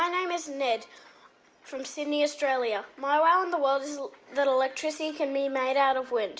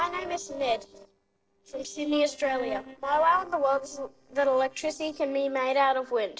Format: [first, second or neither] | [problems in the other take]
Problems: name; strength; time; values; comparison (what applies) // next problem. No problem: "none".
first | noise reduction (neural separator model SepFormer DNS4)